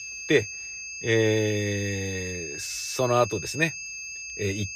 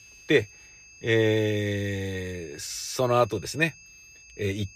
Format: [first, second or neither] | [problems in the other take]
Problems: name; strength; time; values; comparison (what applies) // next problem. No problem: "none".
second | high-pitched whine; loud; throughout; 2.5 kHz, 8 dB below the speech; faint in the second